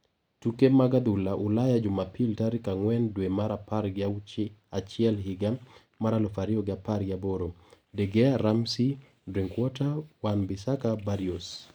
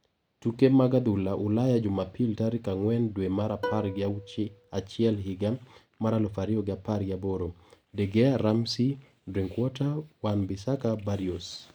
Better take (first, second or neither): first